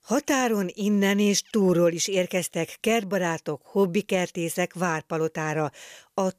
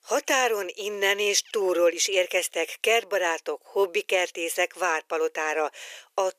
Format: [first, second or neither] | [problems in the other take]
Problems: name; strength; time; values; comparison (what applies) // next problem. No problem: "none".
first | thin; very; fading below 400 Hz